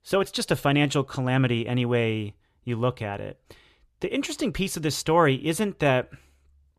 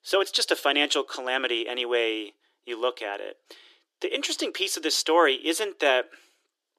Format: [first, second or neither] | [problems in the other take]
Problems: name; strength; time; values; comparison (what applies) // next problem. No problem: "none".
first | thin; very; fading below 300 Hz